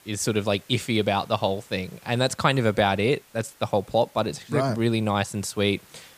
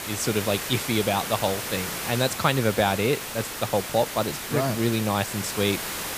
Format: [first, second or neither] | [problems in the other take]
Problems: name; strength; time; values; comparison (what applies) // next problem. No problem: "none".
first | hiss; loud; throughout; 5 dB below the speech; faint in the first